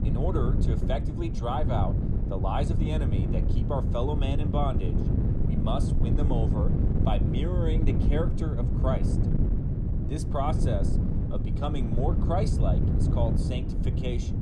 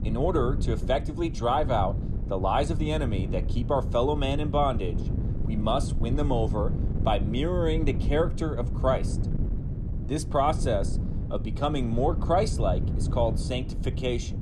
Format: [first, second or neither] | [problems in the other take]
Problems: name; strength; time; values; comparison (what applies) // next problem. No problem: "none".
second | wind noise on the microphone; heavy; 4 dB below the speech; occasional gusts in the second